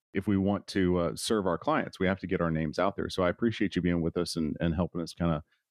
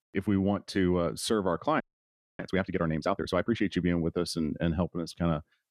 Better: first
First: none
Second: audio freezing; at 2 s for 0.5 s

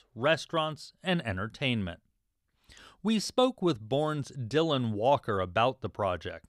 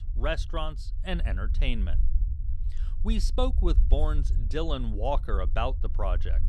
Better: first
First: none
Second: low rumble; noticeable; throughout; 20 dB below the speech

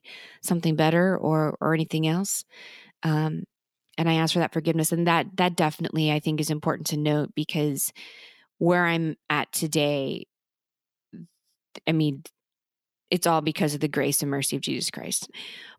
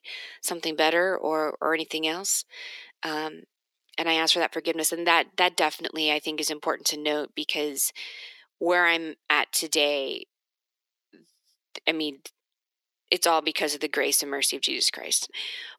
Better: first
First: none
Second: thin; very; fading below 350 Hz

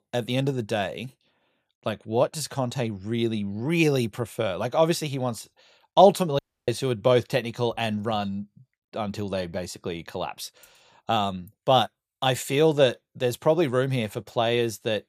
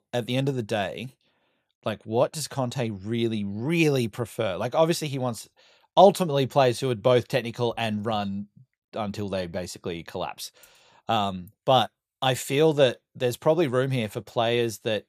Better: second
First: audio cutting out; at 6.5 s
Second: none

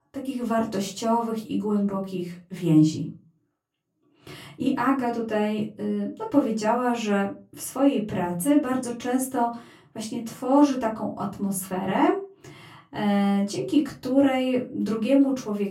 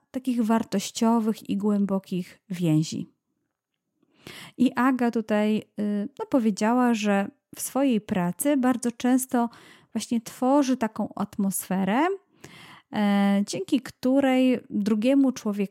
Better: second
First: off-mic speech; far // room echo; very slight; dies away in 0.3 s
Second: none

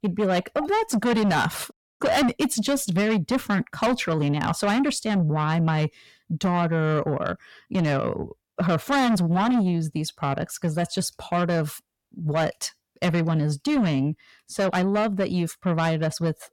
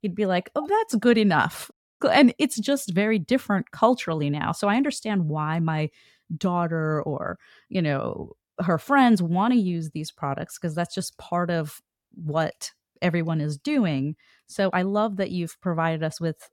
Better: second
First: distortion; heavy; 7 dB below the speech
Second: none

